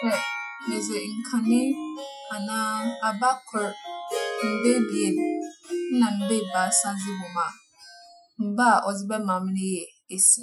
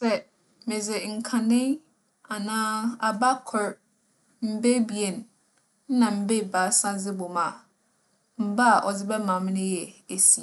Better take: second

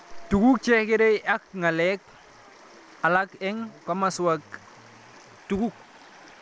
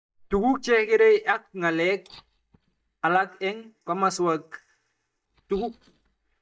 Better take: first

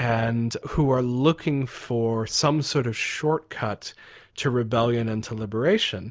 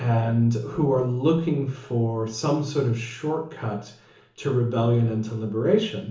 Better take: first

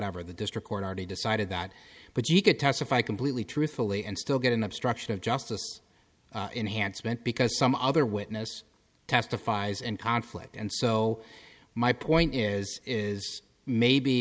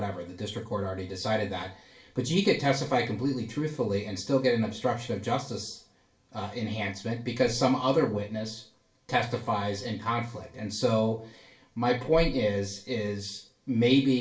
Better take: first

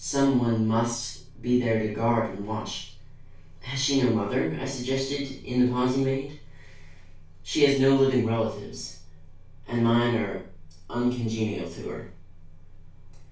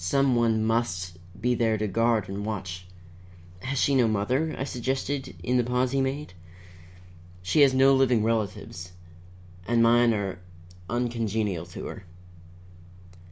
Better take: second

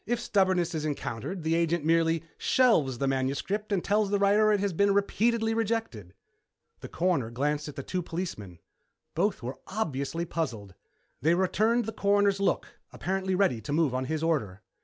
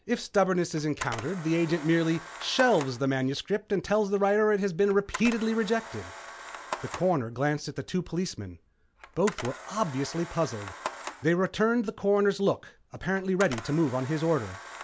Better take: first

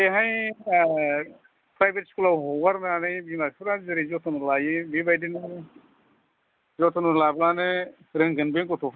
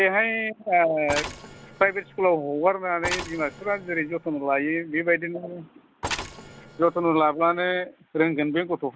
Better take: first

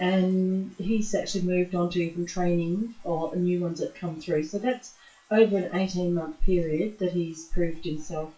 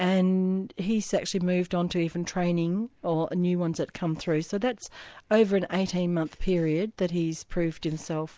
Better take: second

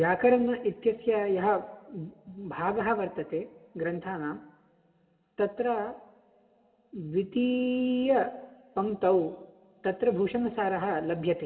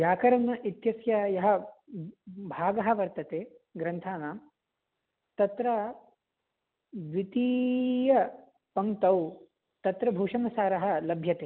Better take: second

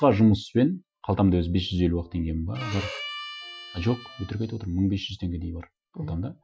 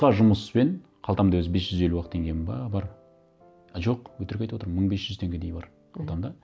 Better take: second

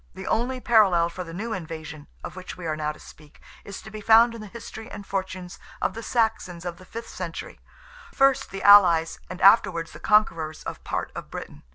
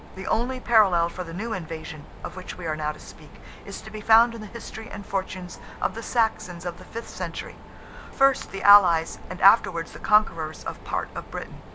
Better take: first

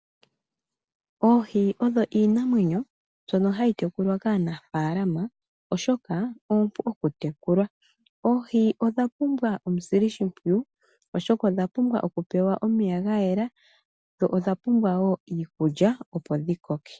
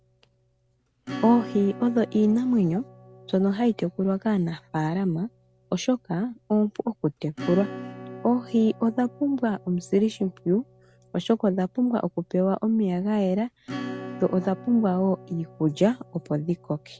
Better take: first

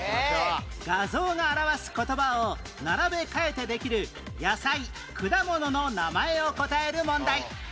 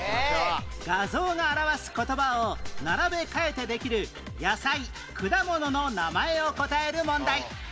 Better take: first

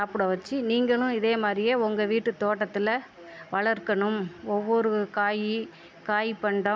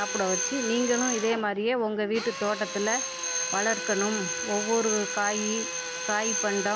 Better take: first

